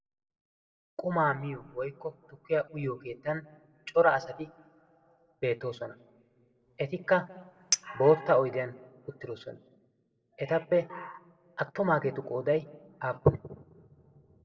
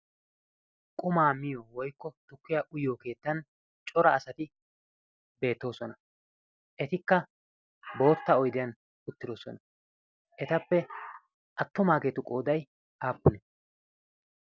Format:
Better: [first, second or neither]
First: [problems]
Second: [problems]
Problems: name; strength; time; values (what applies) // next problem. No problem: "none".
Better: second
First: noise reduction (neural separator model SepFormer DNS4)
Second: none